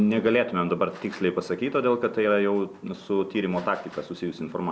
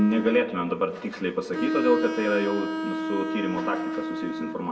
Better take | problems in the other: first | background sound (Bowed string instrument); 4 dB below the speech // room echo; dies away in 1 s

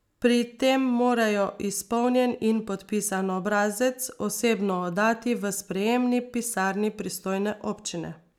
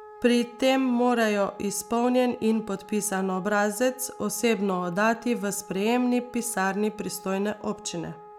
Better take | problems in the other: first | background sound (Wind instrument, woodwind instrument); 20 dB below the speech

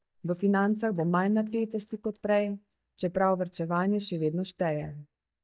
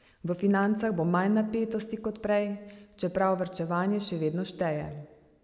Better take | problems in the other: second | noise reduction (neural mask model DeepFilterNet 3)

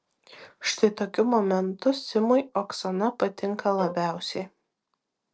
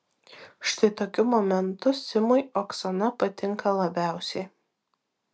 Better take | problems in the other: second | noise reduction (neural separator model SepFormer DNS4)

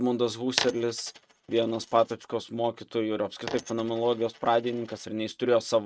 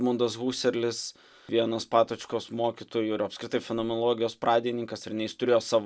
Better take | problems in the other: second | noise reduction (neural mask model RNNoise)

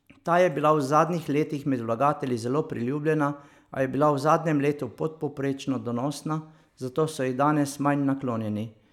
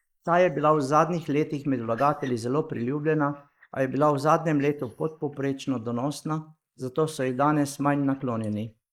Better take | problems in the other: first | noise reduction (neural mask model Resemble Enhance denoiser)

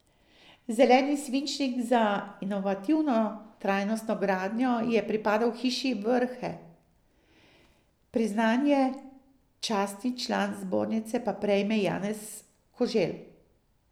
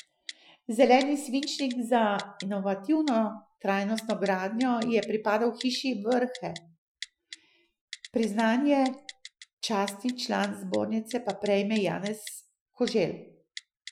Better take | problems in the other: first | noise reduction (classical method Wiener filter)

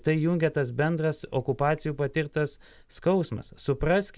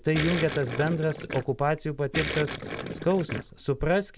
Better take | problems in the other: first | background sound (Gurgling); 8 dB below the speech

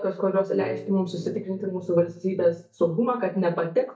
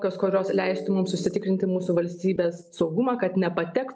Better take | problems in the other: second | noise reduction (neural mask model DeepFilterNet 3)

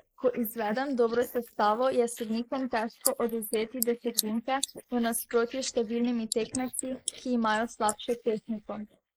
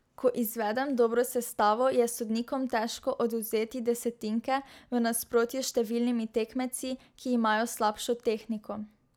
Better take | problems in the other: second | noise reduction (neural mask model Resemble Enhance denoiser)

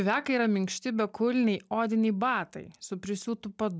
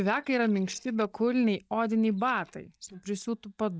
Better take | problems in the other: first | noise reduction (neural mask model DeepFilterNet 3)

